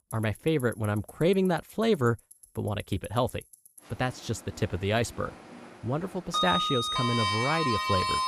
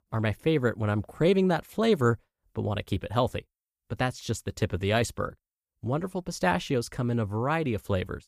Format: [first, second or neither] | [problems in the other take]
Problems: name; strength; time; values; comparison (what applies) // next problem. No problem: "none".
second | household noises; very loud; throughout; 2 dB above the speech